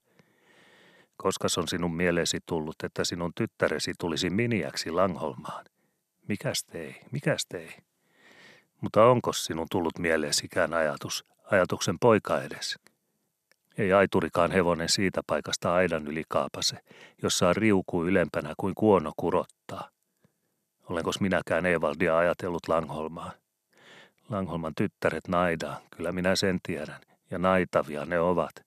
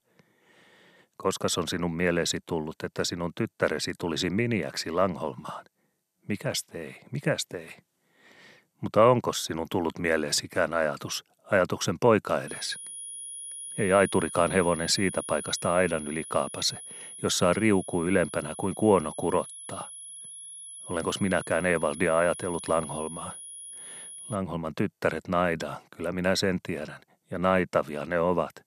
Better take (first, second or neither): first